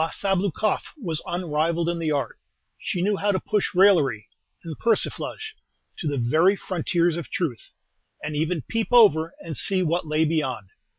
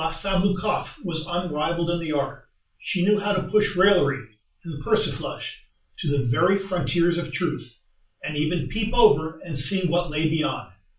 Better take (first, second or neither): first